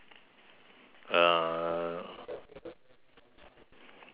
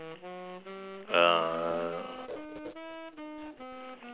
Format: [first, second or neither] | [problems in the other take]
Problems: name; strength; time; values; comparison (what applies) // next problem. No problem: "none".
first | background sound (Wind instrument, woodwind instrument); 10 dB below the speech